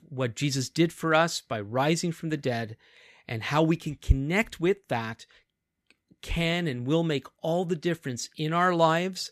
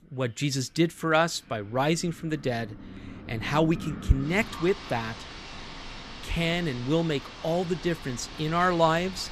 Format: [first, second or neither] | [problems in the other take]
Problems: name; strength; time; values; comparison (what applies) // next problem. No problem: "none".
first | wind in the background; noticeable; throughout; 15 dB below the speech